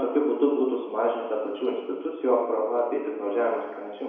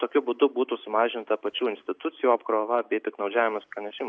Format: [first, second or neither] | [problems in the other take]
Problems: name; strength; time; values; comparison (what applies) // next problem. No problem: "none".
second | room echo; dies away in 1 s